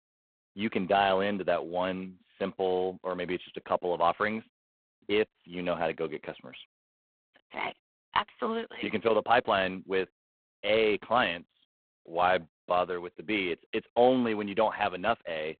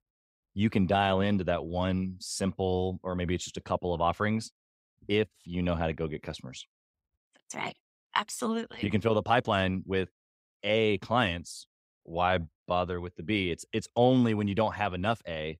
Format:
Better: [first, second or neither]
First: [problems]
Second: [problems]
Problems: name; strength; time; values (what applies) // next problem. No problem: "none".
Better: second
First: phone-call audio; poor line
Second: none